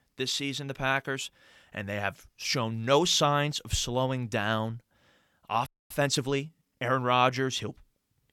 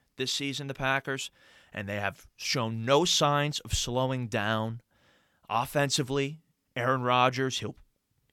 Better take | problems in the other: second | audio freezing; at 5.5 s

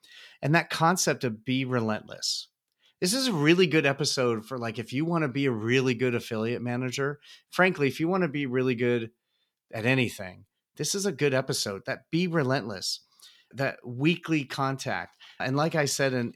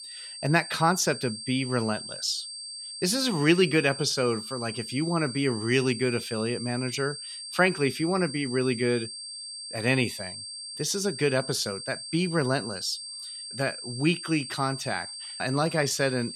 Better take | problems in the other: first | high-pitched whine; loud; throughout; 4.5 kHz, 9 dB below the speech

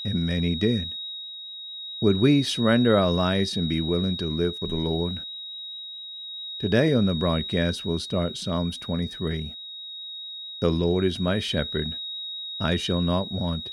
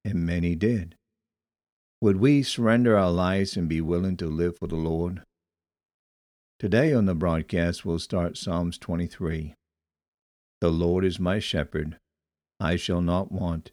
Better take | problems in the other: second | high-pitched whine; loud; throughout; 4 kHz, 8 dB below the speech

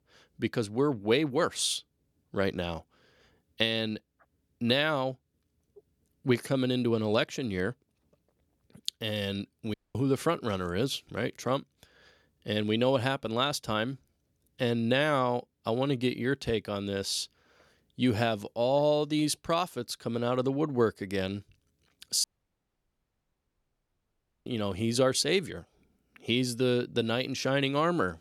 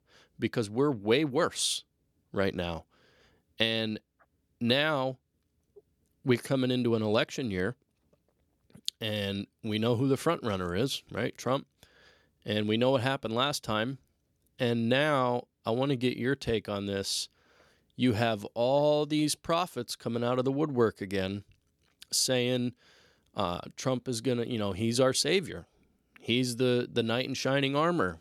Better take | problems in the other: second | audio cutting out; at 9.5 s and at 22 s for 2 s

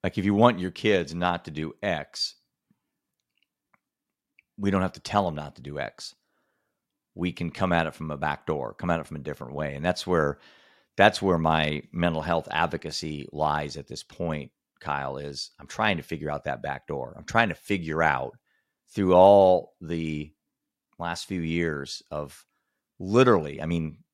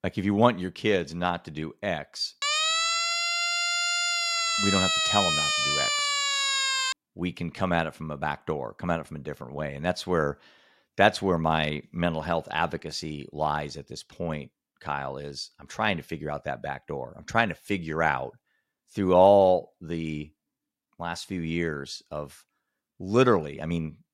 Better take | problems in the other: first | siren; loud; from 2.5 to 7 s; peak 5 dB above the speech

